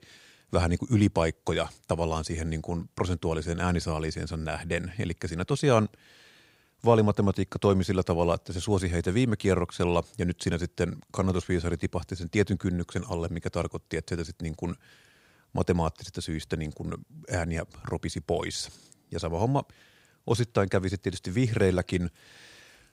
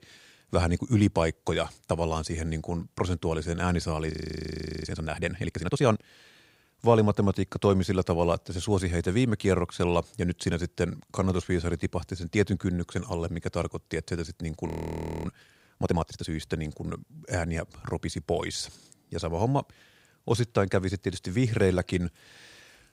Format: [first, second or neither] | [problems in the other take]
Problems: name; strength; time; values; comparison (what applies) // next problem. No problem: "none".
first | audio freezing; at 4 s for 0.5 s and at 15 s for 0.5 s